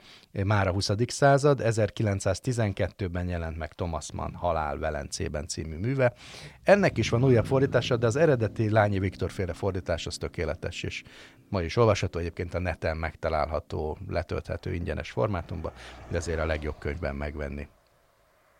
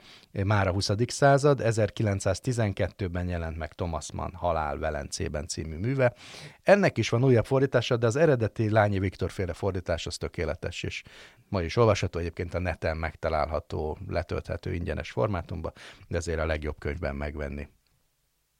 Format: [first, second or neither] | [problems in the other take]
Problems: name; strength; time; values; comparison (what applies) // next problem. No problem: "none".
second | traffic noise; noticeable; throughout; 15 dB below the speech